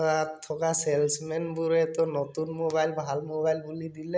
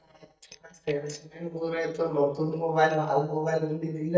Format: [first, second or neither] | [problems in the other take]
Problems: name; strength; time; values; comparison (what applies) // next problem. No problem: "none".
first | noise reduction (neural mask model DeepFilterNet 3)